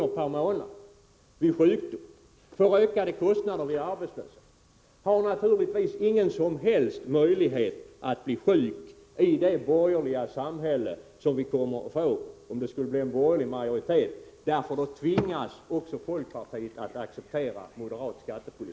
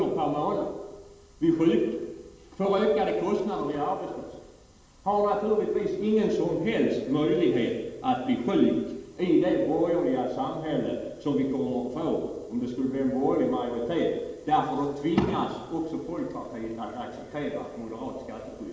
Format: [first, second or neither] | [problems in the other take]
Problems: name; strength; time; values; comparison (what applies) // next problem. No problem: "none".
first | room echo; dies away in 1.1 s